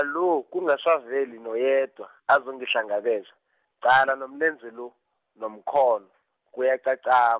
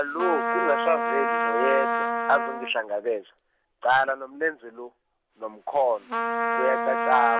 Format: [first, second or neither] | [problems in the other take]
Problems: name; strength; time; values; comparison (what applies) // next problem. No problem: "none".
first | background sound (Trumpet); 1 dB below the speech